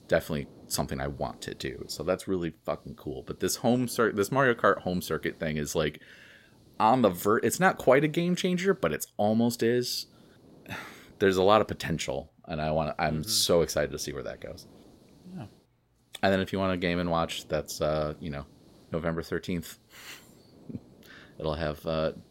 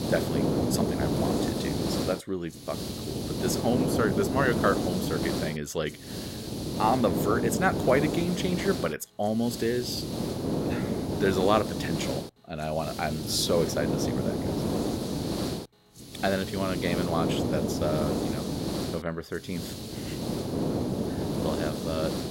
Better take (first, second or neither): first